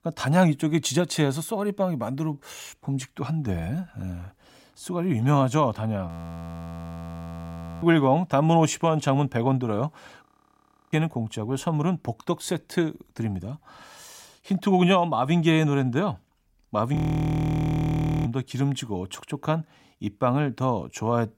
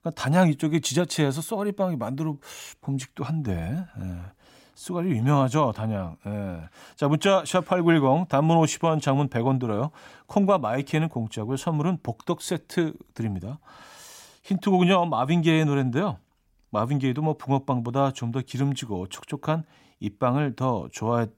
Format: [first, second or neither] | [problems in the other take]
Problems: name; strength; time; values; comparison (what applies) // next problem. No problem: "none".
second | audio freezing; at 6 s for 1.5 s, at 10 s for 0.5 s and at 17 s for 1.5 s